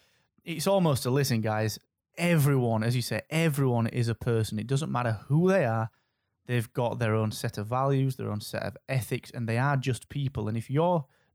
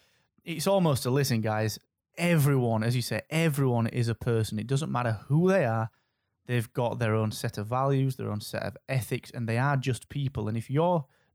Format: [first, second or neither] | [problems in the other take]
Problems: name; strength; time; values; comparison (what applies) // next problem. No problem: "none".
neither | none